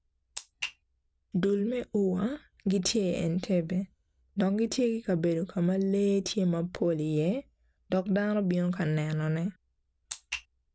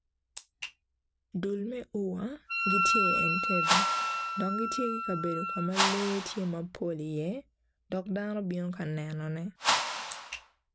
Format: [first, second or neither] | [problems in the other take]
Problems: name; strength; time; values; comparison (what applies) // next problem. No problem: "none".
first | background sound (Whoosh, swoosh, swish + Wind instrument, woodwind instrument); 4 dB above the speech